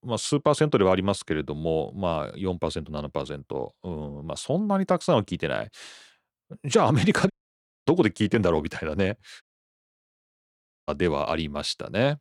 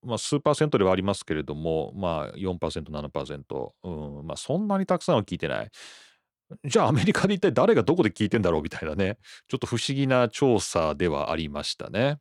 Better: second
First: audio cutting out; at 7.5 s for 0.5 s and at 9.5 s for 1.5 s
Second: none

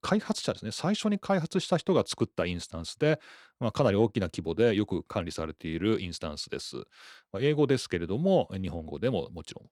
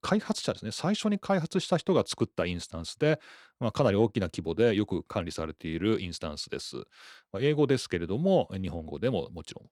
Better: neither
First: none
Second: none

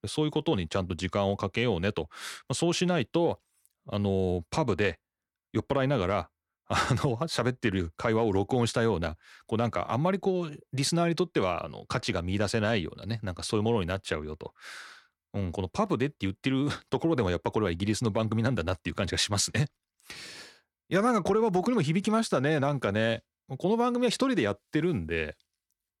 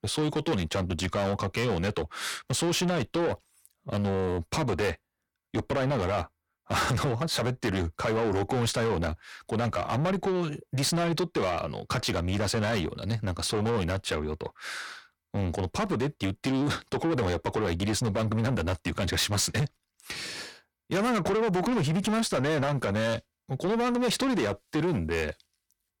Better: first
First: none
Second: distortion; heavy; 7 dB below the speech

